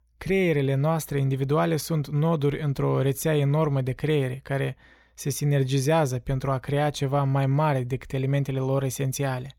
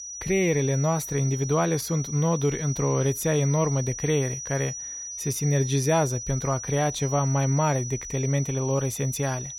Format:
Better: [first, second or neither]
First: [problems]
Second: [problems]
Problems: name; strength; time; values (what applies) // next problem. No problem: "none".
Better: first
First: none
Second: high-pitched whine; loud; throughout; 6 kHz, 8 dB below the speech